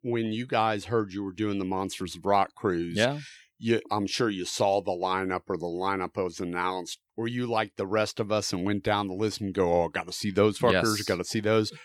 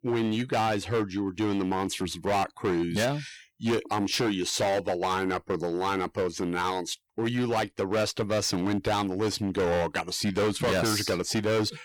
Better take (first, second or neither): first